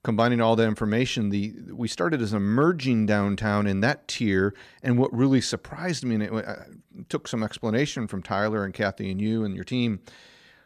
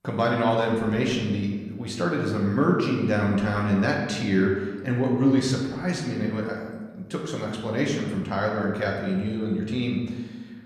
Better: first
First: none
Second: room echo; noticeable; dies away in 1.2 s // off-mic speech; somewhat distant

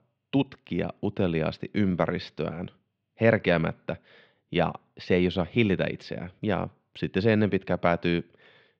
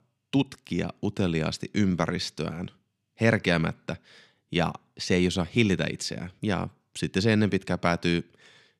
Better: second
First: muffled; slightly; fading above 3.5 kHz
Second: none

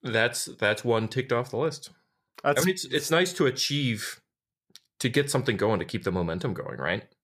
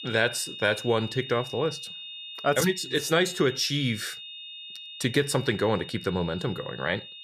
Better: first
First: none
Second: high-pitched whine; noticeable; throughout; 3.5 kHz, 10 dB below the speech

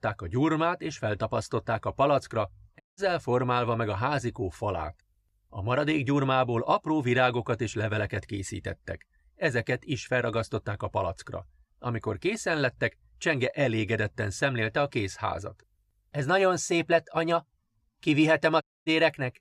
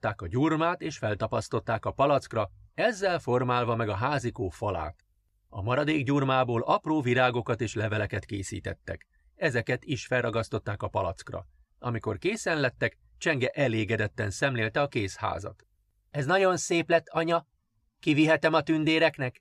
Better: second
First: audio cutting out; at 3 s and at 19 s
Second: none

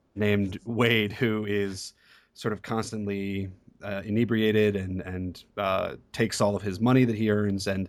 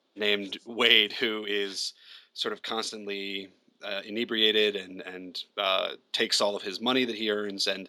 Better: first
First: none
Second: thin; somewhat; fading below 300 Hz

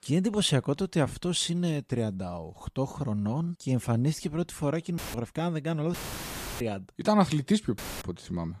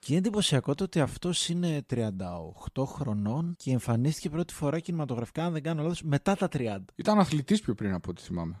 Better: second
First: audio cutting out; filled with static; at 5 s, at 6 s for 0.5 s and at 8 s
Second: none

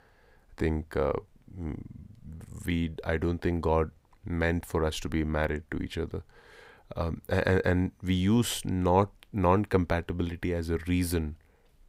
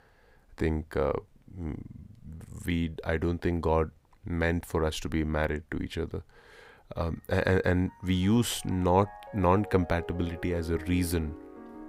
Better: first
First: none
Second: background music; noticeable; throughout; 15 dB below the speech

